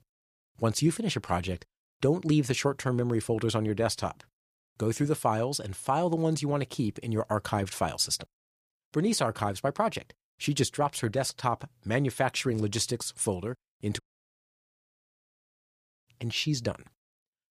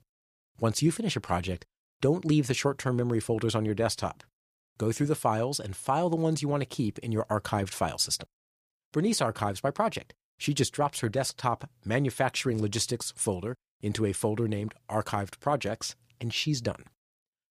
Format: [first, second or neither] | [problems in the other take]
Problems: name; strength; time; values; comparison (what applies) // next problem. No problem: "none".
second | audio cutting out; at 14 s for 2 s